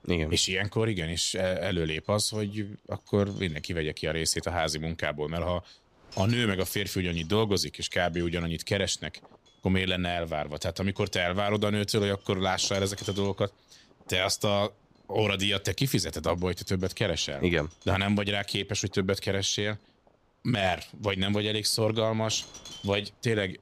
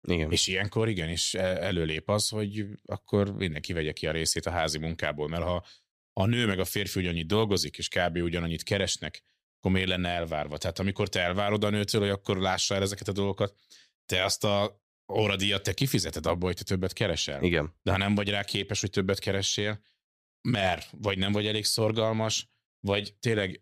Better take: second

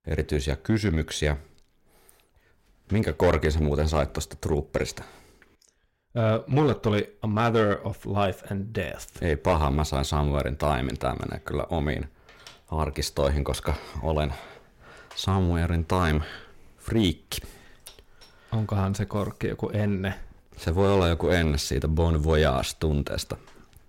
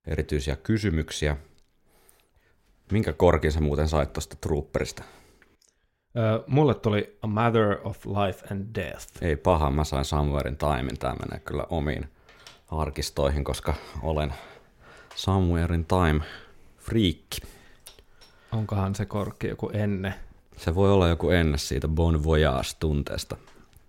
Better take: second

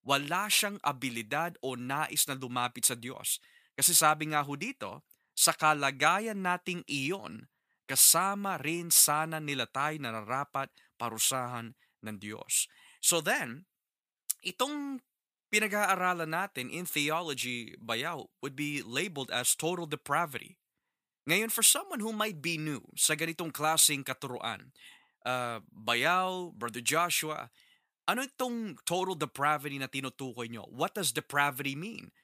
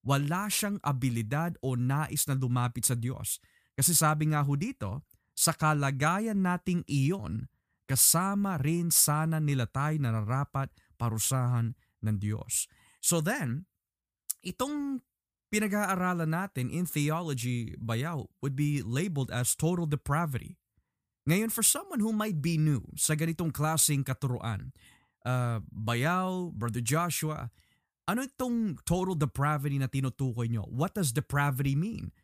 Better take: second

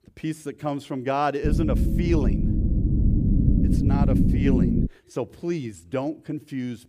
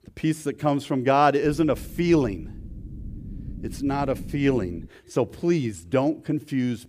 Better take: second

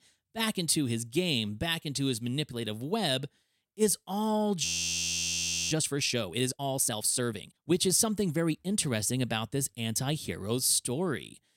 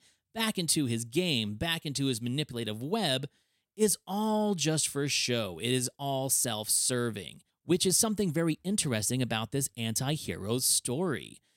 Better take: second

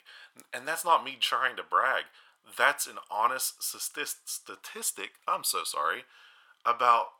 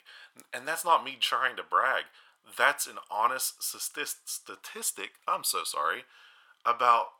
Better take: neither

